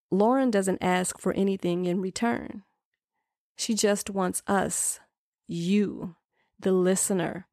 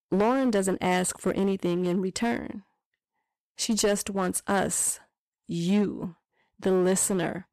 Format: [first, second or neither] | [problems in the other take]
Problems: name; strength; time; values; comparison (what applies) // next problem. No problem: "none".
first | distortion; slight; 6% of the sound clipped